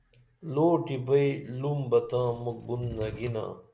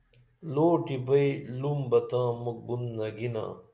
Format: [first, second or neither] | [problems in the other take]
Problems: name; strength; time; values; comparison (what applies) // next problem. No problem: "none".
second | background sound (Wood / Tools); 14 dB below the speech